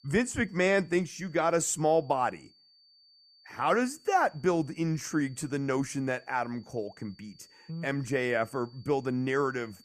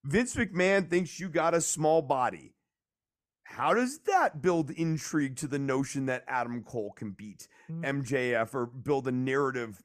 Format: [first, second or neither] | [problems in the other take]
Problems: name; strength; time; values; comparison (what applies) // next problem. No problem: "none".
second | high-pitched whine; faint; throughout; 4.5 kHz, 30 dB below the speech